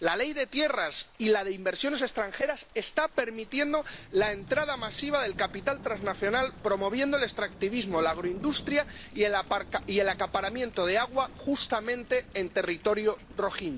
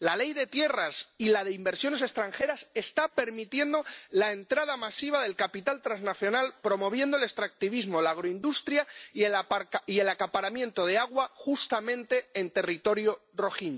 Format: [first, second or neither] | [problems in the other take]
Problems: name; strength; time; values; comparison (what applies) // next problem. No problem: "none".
second | background sound (Thunder / Rain); 17 dB below the speech